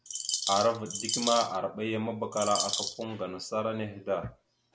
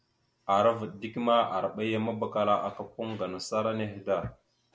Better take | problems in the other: second | background sound (Bird vocalization, bird call, bird song); 2 dB below the speech

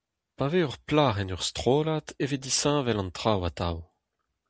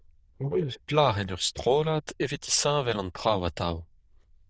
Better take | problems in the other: first | noise reduction (neural diffusion model UNIVERSE++)

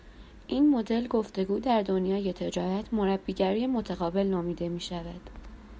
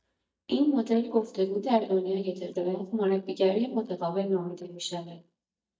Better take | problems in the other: first | noise reduction (neural mask model DeepFilterNet 3)

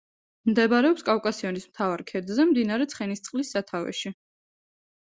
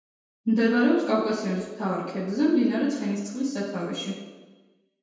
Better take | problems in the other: first | room echo; dies away in 1 s

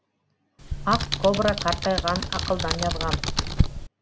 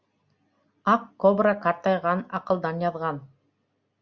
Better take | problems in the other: second | background sound (Computer keyboard); as loud as the speech

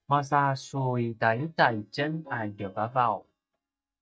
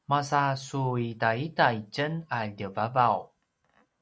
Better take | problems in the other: second | noise reduction (neural mask model DeepFilterNet 3)

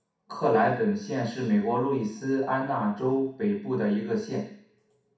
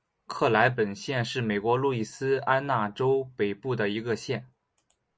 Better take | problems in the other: second | room echo; dies away in 0.6 s

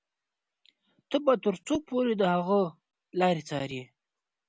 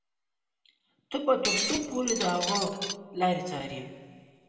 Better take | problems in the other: first | background sound (Shatter); 1 dB below the speech // room echo; dies away in 1.8 s

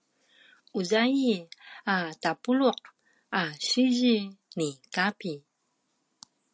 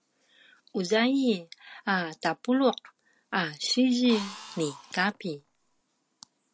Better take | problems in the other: first | background sound (Drill); 16 dB below the speech

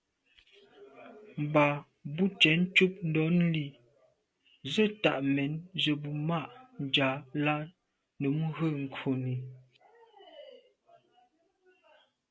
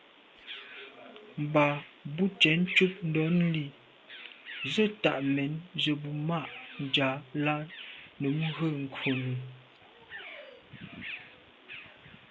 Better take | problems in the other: first | background sound (Bird vocalization, bird call, bird song); 14 dB below the speech

